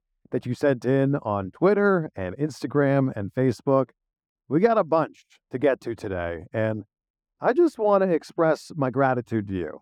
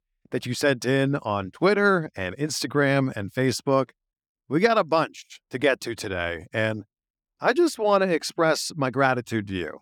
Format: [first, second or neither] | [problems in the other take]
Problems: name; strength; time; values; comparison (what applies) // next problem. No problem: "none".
second | muffled; slightly; fading above 1.5 kHz